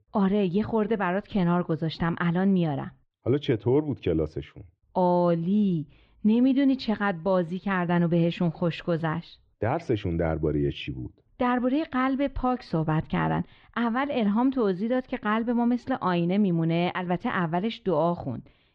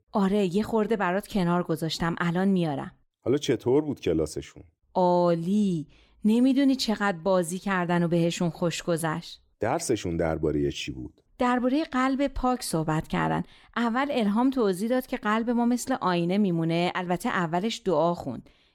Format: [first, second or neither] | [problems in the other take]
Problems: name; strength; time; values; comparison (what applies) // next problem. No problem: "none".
second | muffled; slightly; fading above 3.5 kHz